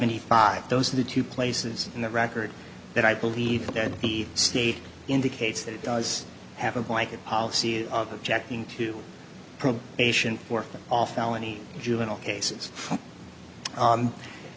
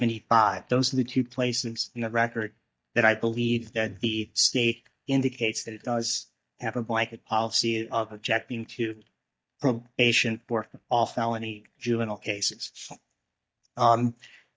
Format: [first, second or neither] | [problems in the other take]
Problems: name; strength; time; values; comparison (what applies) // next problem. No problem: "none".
first | noise reduction (neural mask model DeepFilterNet 3)